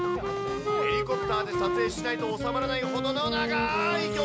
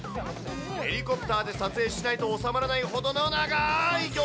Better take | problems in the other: second | background sound (Wind instrument, woodwind instrument); as loud as the speech

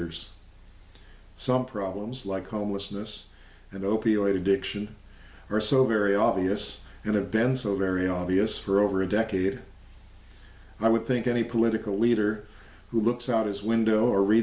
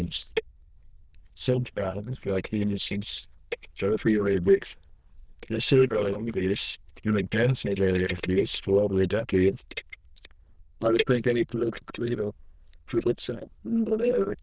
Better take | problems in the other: first | noise reduction (neural diffusion model UNIVERSE++)

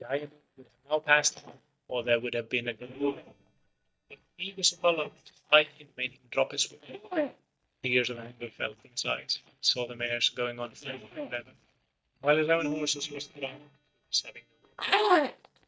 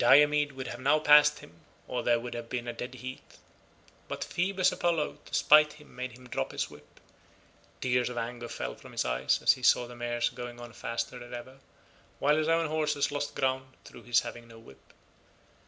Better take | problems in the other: second | noise reduction (neural mask model DeepFilterNet 3)

